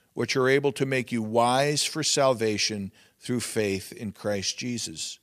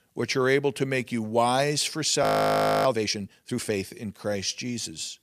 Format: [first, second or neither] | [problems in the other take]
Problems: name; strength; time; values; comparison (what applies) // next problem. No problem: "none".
first | audio freezing; at 2 s for 0.5 s